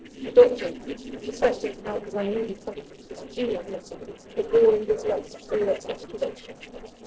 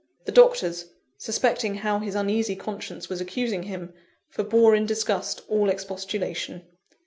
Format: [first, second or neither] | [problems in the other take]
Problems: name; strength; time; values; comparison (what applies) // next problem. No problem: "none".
second | noise reduction (neural separator model SepFormer DNS4)